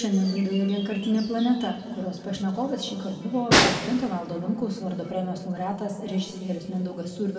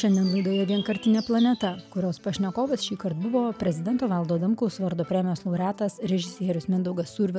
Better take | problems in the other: second | background sound (Snare drum); as loud as the speech // room echo; dies away in 2 s

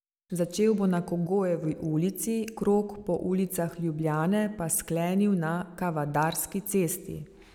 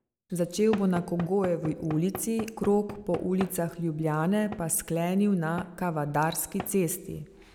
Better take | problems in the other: first | background sound (Knock / Wood); 16 dB below the speech

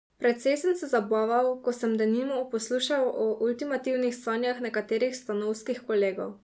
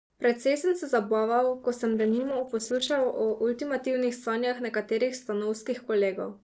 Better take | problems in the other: first | noise reduction (neural separator model SepFormer DNS4)

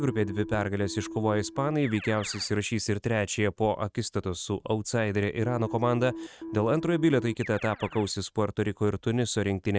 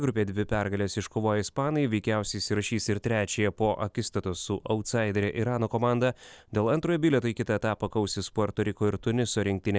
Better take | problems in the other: second | noise reduction (neural mask model RNNoise)

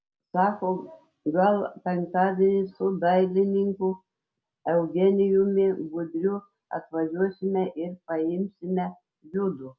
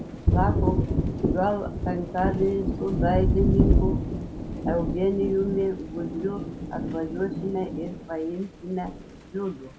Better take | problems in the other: first | background sound (Thunder); 2 dB above the speech

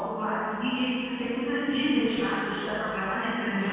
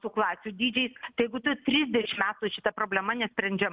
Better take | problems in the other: second | background sound (Guitar); 18 dB below the speech // room echo; dies away in 2.1 s

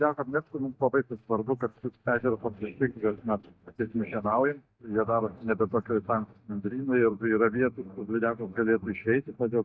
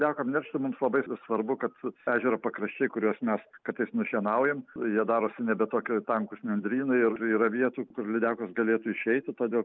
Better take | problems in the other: second | noise reduction (neural mask model DeepFilterNet 3)

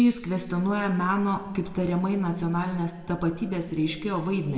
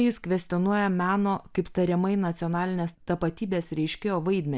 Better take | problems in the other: second | room echo; dies away in 1.6 s

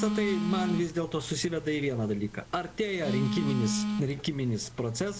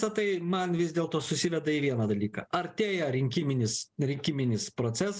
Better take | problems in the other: second | background sound (Telephone); 3 dB below the speech

